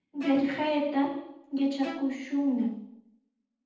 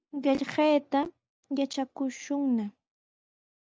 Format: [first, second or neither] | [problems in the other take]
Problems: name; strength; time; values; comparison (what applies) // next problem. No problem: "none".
second | noise reduction (neural separator model SepFormer DNS4)